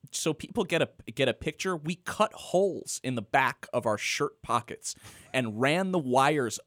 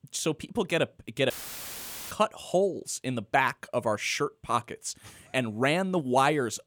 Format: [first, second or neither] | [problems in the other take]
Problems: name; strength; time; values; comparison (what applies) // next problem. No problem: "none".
first | audio cutting out; filled with static; at 1.5 s for 1 s